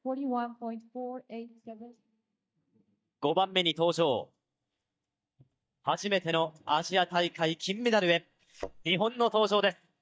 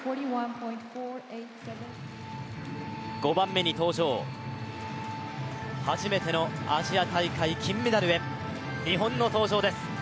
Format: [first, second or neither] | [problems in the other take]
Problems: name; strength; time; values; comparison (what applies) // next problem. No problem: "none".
second | noise reduction (neural mask model DeepFilterNet 3)